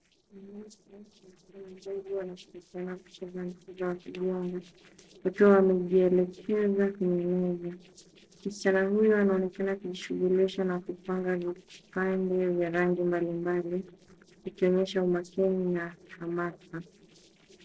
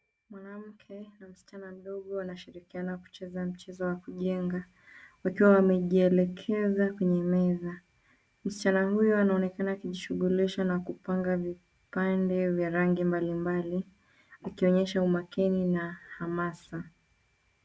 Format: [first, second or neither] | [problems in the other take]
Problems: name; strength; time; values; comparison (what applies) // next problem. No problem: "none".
second | noise reduction (neural separator model SepFormer DNS4)